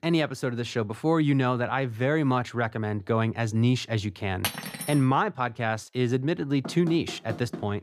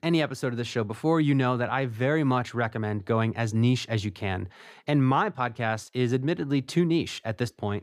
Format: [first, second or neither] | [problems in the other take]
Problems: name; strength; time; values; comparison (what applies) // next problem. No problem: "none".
second | clattering dishes; noticeable; at 4.5 s; peak 4 dB below the speech // door banging; faint; from 6.5 s on; peak 10 dB below the speech